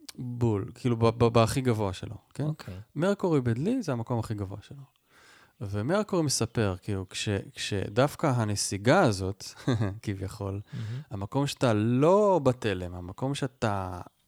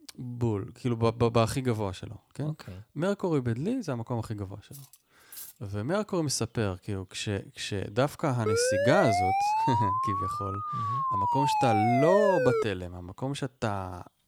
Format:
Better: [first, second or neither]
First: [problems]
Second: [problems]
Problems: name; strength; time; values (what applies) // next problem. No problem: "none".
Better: first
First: none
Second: clattering dishes; faint; at 4.5 s; peak 15 dB below the speech // siren; loud; from 8.5 to 13 s; peak 4 dB above the speech